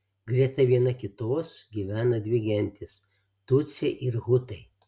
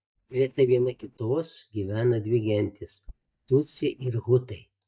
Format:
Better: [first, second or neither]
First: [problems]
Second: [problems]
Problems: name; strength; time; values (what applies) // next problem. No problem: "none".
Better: first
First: none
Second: noise reduction (neural mask model DeepFilterNet 3)